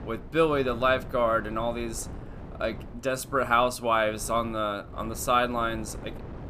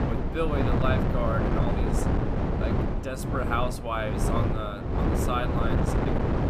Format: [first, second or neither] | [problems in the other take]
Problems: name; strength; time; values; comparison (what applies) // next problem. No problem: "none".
first | wind noise on the microphone; heavy; 1 dB below the speech; occasional gusts in the first